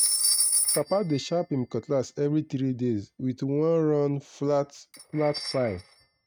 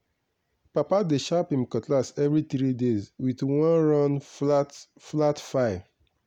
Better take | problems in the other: second | noise reduction (neural mask model RNNoise)

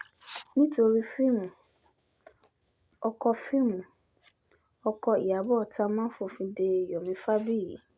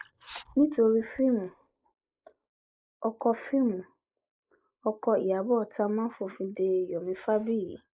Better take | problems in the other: first | noise reduction (neural mask model Resemble Enhance denoiser)

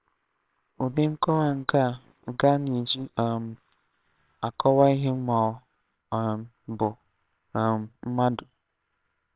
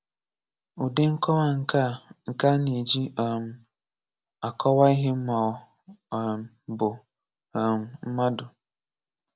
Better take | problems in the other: second | noise reduction (neural separator model SepFormer WHAMR!)

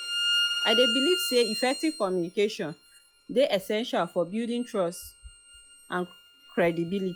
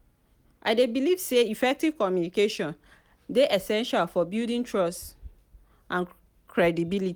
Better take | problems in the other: second | noise reduction (classical method log-MMSE)

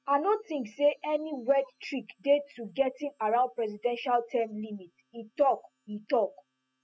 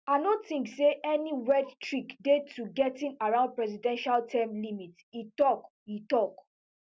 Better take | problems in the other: second | noise reduction (classical method spectral subtraction)

